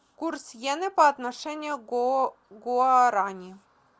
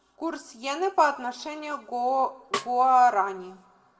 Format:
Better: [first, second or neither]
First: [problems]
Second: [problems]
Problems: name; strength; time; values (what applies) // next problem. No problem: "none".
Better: first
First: none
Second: background sound (Snare drum); 12 dB below the speech // room echo; dies away in 0.6 s